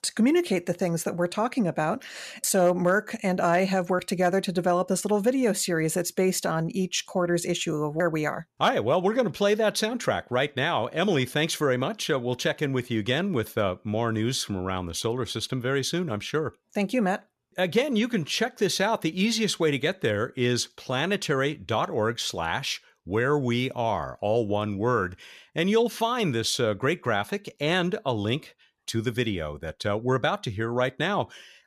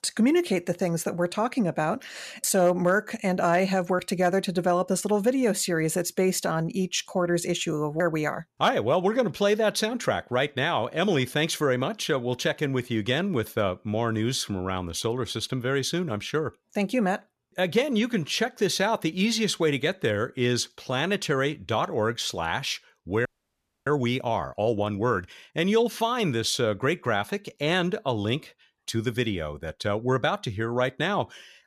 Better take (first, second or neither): first